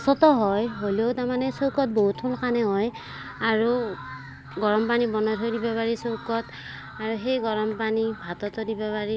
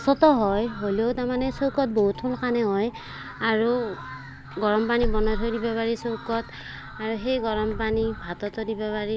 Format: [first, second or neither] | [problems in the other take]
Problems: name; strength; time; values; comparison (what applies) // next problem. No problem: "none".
first | background sound (Wind / Car); 11 dB below the speech